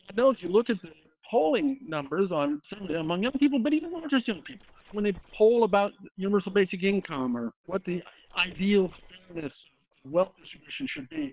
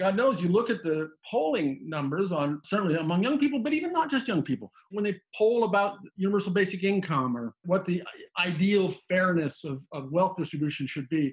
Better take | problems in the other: second | noise reduction (neural separator model SepFormer WHAM!)

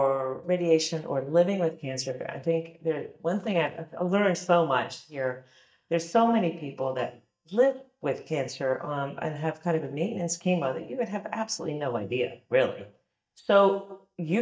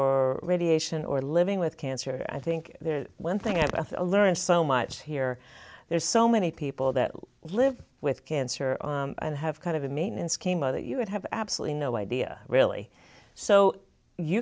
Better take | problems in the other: second | noise reduction (neural mask model DeepFilterNet 3)

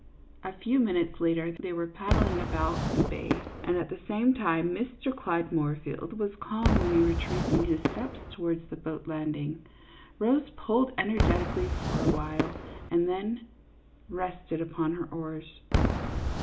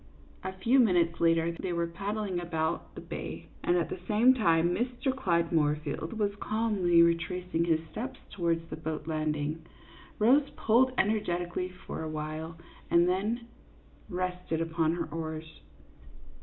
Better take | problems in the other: second | background sound (Whoosh, swoosh, swish / Fireworks); 2 dB below the speech

